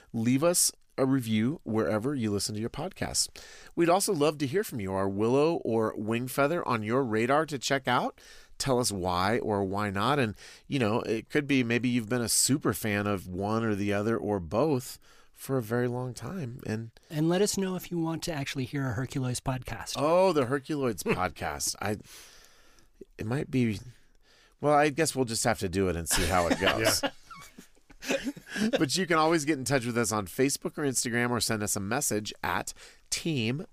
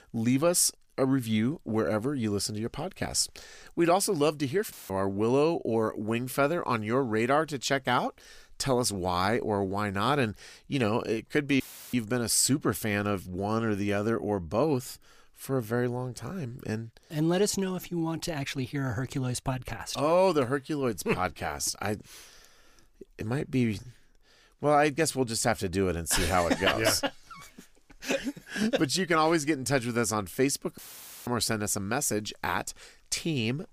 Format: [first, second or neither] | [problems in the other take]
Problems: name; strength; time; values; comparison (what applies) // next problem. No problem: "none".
first | audio cutting out; filled with static; at 4.5 s, at 12 s and at 31 s